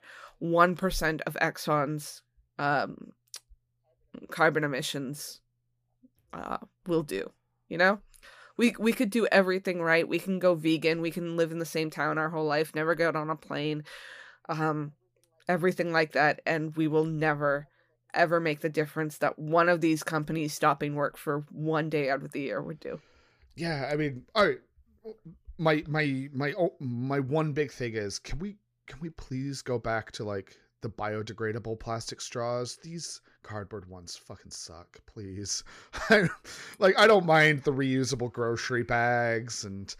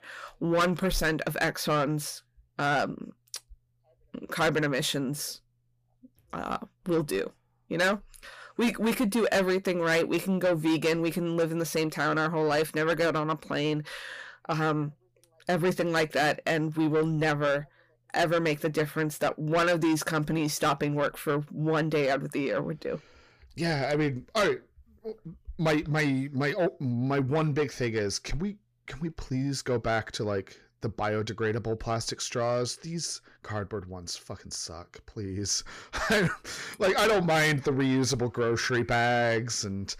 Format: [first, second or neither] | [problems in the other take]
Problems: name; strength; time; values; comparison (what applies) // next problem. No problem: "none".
first | distortion; heavy; 7 dB below the speech